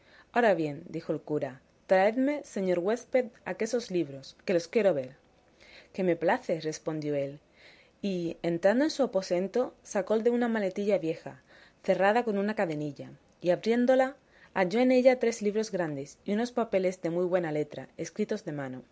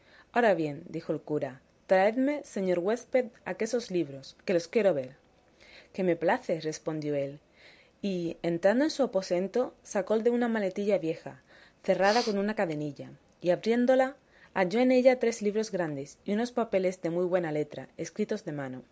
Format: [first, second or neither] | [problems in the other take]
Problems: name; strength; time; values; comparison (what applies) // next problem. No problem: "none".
first | background sound (Breathing); 13 dB below the speech